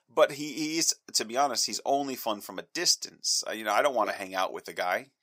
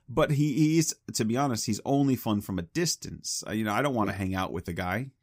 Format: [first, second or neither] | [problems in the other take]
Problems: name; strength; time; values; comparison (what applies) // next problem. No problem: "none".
second | thin; very; fading below 600 Hz